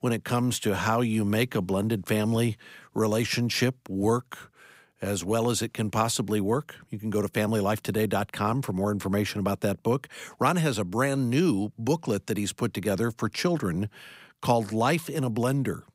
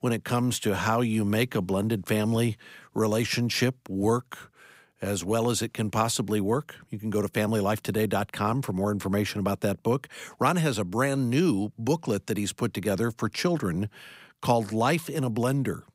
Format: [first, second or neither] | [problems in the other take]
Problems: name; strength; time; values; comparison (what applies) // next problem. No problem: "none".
neither | none